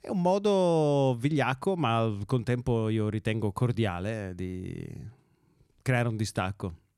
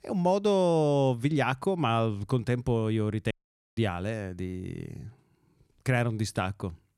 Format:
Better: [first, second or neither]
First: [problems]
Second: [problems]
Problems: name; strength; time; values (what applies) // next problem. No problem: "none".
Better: first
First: none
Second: audio cutting out; at 3.5 s